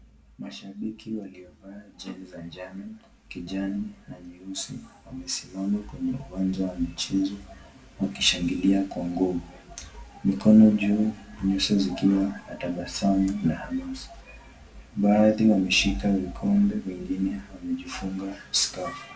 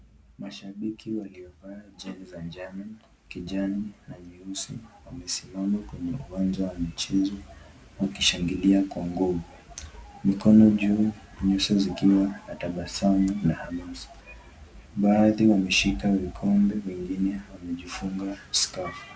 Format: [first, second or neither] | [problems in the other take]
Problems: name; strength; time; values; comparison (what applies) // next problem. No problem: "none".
second | room echo; dies away in 0.5 s